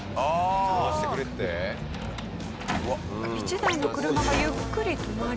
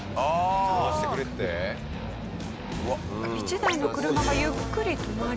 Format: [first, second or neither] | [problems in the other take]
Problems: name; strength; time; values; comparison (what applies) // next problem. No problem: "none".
second | background sound (Door); 10 dB below the speech